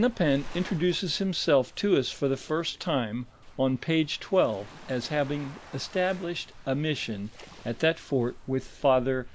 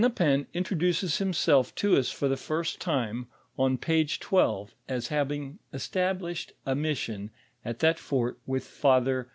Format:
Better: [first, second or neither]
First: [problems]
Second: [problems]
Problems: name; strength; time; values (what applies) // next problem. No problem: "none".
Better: second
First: background sound (Waves, surf); 18 dB below the speech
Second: none